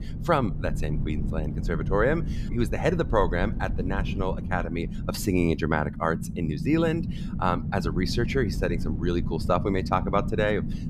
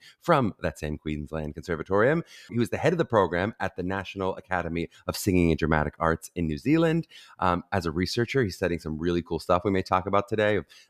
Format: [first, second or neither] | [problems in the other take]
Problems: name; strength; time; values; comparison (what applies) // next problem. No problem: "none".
second | low rumble; noticeable; throughout; 15 dB below the speech